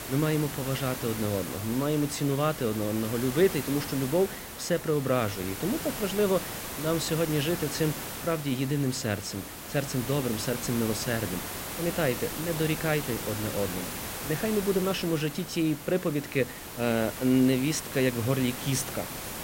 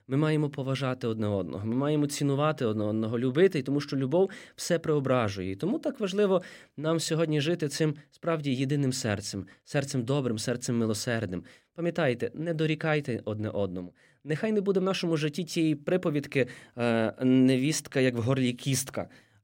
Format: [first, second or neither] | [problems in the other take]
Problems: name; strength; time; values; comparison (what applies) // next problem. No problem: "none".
second | hiss; loud; throughout; 7 dB below the speech